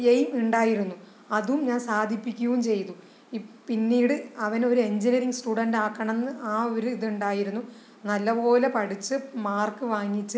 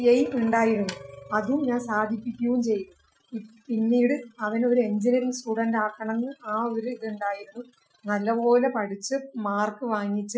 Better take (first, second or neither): first